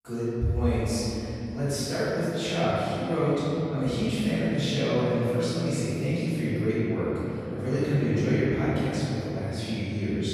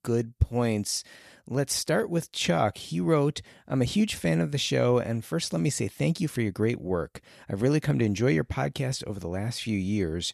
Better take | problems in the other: second | off-mic speech; far // room echo; strong; dies away in 2.8 s

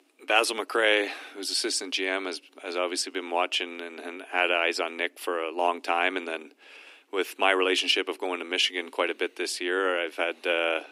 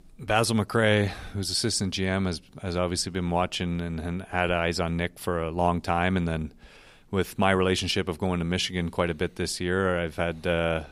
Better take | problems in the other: second | thin; somewhat; fading below 250 Hz

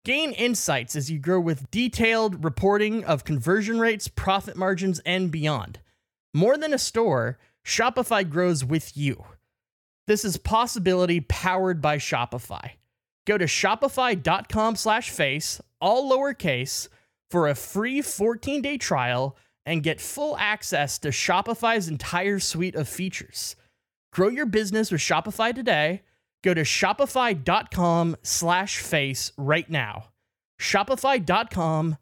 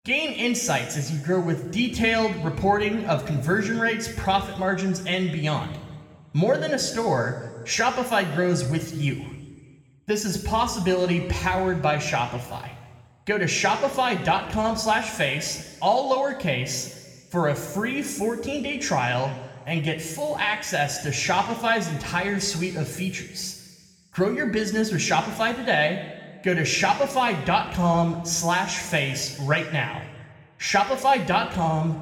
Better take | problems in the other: first | room echo; slight; dies away in 1.4 s // off-mic speech; somewhat distant

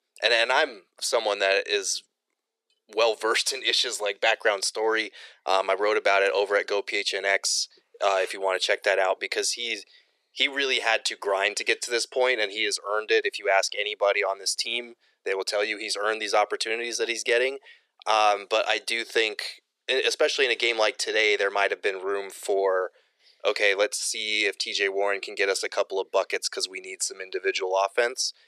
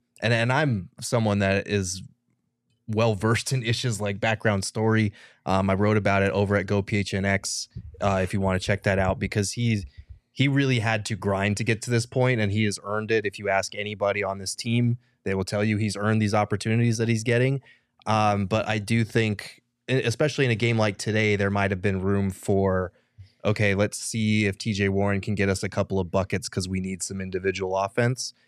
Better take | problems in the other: second | thin; very; fading below 400 Hz

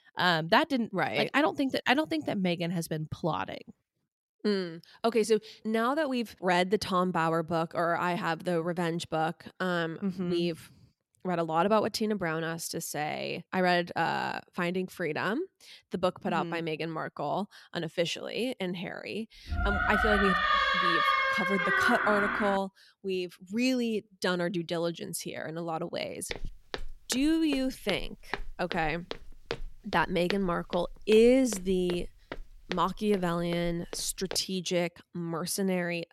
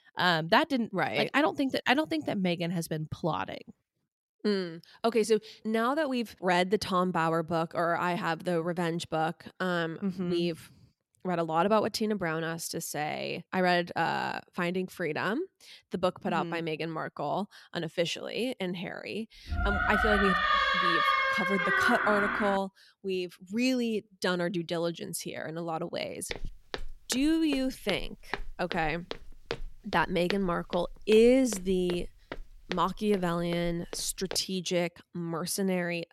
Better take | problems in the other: neither | door banging; loud; from 19 to 23 s; peak 5 dB above the speech; the same in both // footsteps; noticeable; from 26 to 34 s; peak 8 dB below the speech; the same in both

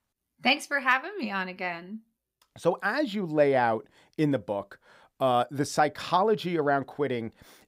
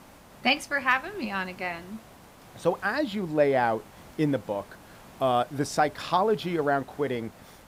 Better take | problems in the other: first | hiss; faint; throughout; 20 dB below the speech

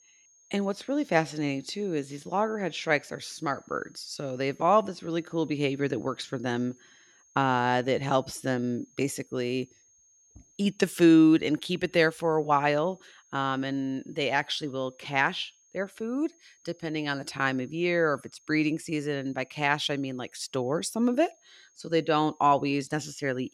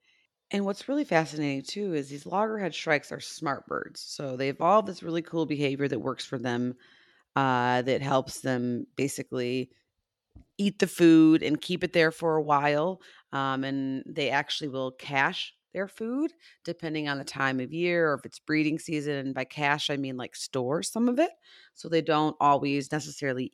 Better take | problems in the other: second | high-pitched whine; faint; throughout; 6.5 kHz, 30 dB below the speech

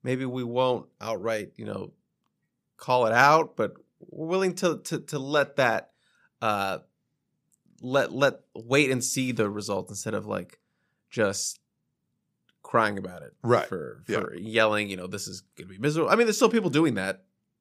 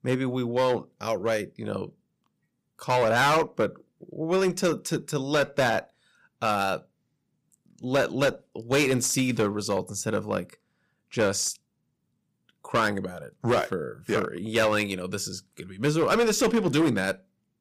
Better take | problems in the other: first | distortion; heavy; 6% of the sound clipped

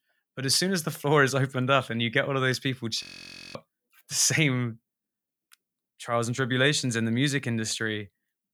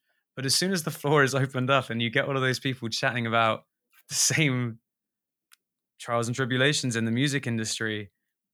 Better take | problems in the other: second | audio freezing; at 3 s for 0.5 s

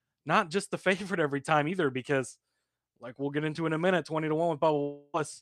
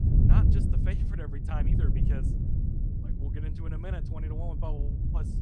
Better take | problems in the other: first | wind noise on the microphone; heavy; 2 dB above the speech

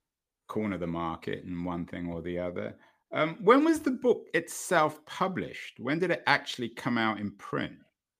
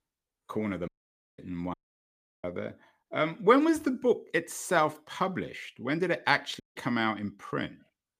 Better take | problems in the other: first | audio cutting out; at 1 s, at 1.5 s for 0.5 s and at 6.5 s

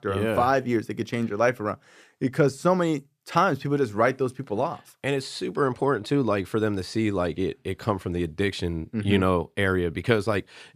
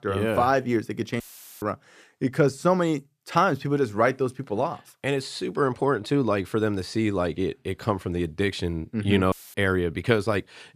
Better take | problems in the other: first | audio cutting out; filled with static; at 1 s and at 9.5 s

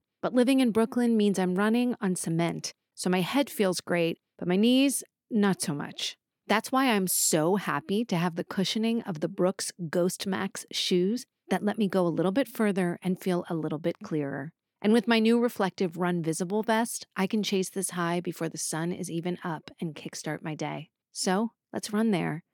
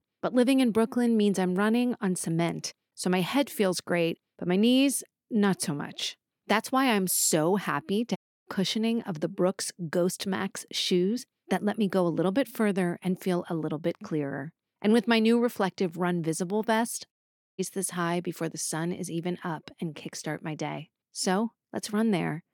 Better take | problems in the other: first | audio cutting out; at 8 s and at 17 s

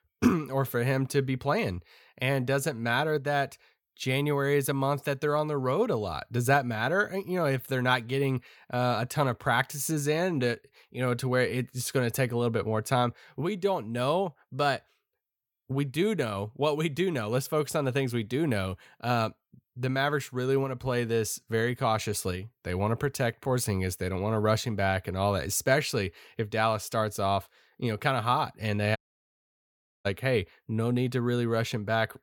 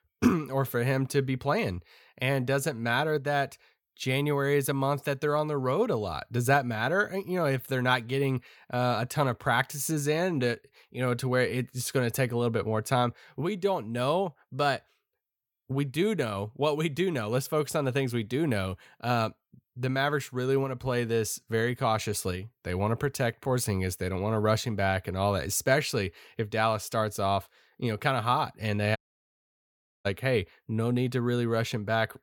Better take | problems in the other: neither | audio cutting out; at 29 s for 1 s; the same in both

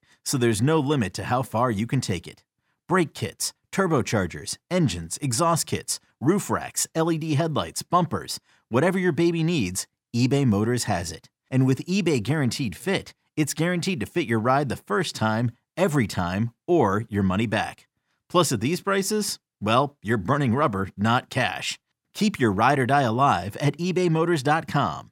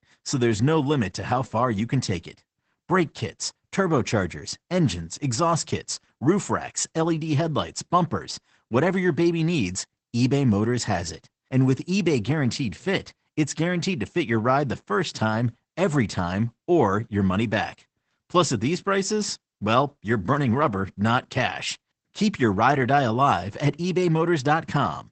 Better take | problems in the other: first | garbled, watery; badly; nothing above 8 kHz

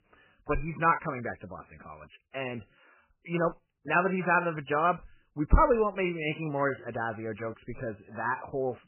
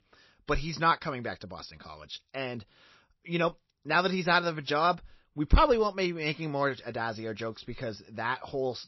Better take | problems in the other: second | garbled, watery; badly; nothing above 3 kHz; slightly in the second

